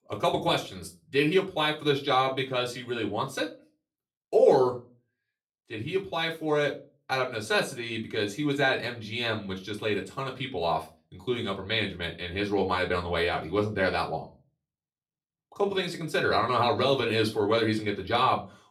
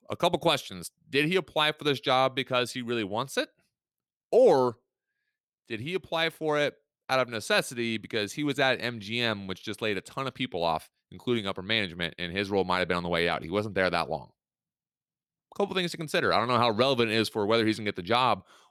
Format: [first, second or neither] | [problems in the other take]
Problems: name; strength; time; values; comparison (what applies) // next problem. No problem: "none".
second | off-mic speech; far // room echo; very slight; dies away in 0.3 s